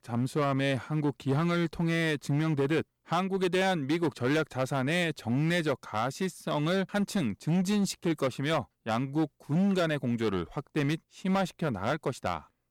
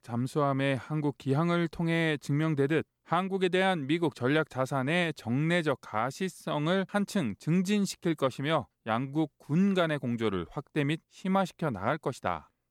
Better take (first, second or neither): second